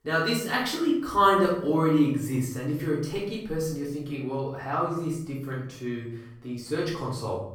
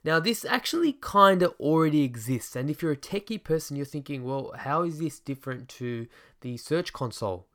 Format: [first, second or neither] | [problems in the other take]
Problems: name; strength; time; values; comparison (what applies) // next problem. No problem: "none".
second | off-mic speech; far // room echo; noticeable; dies away in 0.6 s